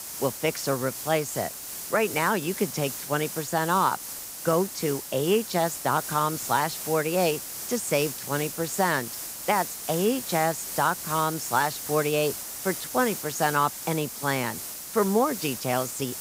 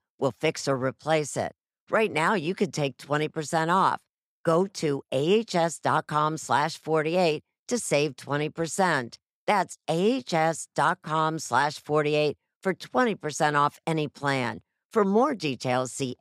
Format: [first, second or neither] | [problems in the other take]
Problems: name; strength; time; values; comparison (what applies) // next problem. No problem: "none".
second | hiss; loud; throughout; 6 dB below the speech